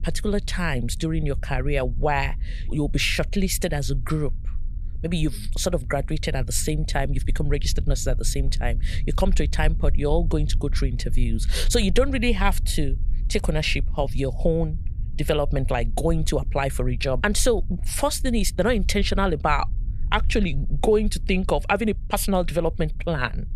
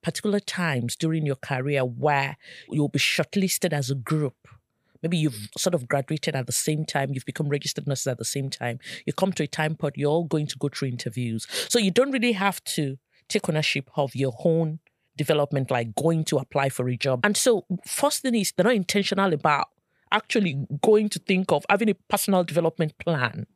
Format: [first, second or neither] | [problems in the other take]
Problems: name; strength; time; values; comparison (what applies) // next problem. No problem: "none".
second | low rumble; faint; throughout; 25 dB below the speech